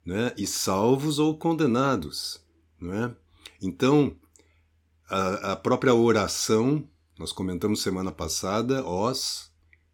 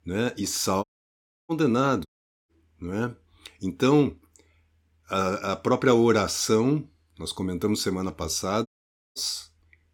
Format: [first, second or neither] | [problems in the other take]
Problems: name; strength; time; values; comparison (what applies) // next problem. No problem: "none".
first | audio cutting out; at 1 s for 0.5 s, at 2 s and at 8.5 s